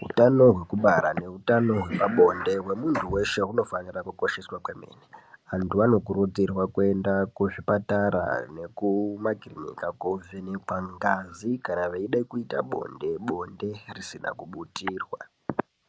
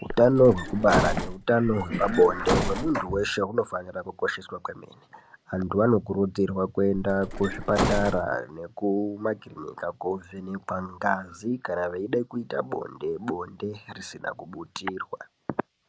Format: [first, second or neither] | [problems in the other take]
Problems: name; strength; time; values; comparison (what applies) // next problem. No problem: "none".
first | background sound (Bus); 3 dB below the speech